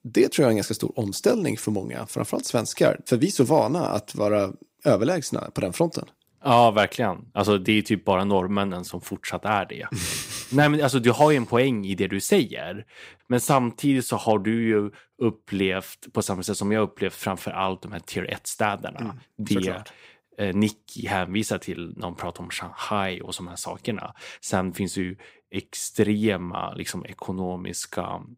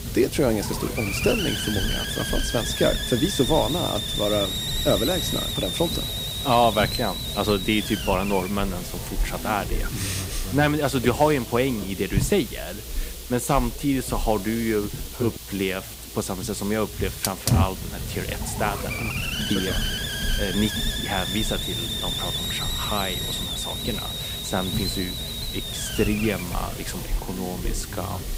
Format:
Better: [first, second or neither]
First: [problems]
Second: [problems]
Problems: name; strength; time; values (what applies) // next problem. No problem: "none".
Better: first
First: none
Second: hiss; loud; throughout; 2 dB below the speech